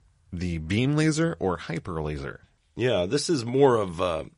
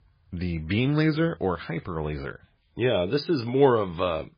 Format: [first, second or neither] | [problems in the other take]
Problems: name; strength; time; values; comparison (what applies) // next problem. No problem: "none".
first | garbled, watery; badly; nothing above 5 kHz; slightly in the first